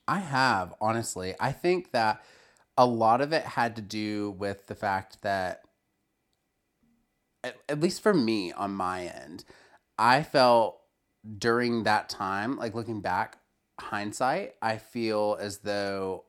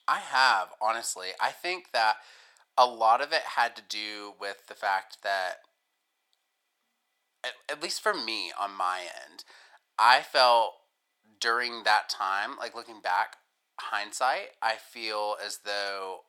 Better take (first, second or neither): first